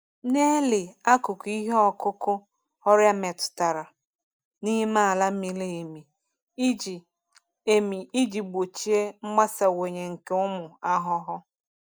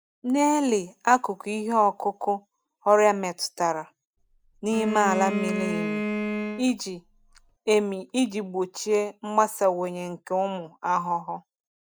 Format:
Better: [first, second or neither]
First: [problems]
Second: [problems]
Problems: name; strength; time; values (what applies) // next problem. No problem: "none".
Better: first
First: none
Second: background sound (Bowed string instrument); 5 dB below the speech